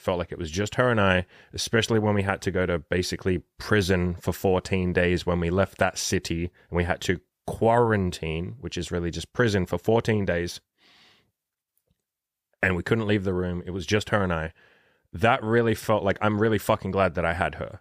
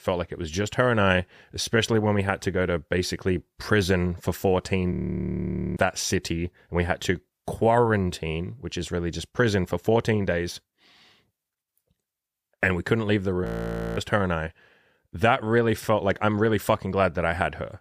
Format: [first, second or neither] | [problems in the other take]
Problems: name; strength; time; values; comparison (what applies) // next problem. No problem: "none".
first | audio freezing; at 5 s for 1 s and at 13 s for 0.5 s